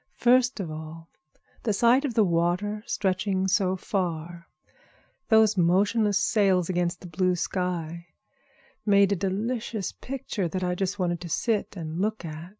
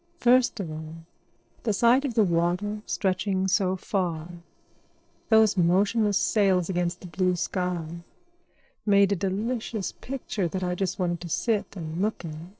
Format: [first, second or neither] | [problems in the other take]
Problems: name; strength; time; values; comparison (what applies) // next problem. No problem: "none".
first | noise reduction (neural separator model SepFormer DNS4)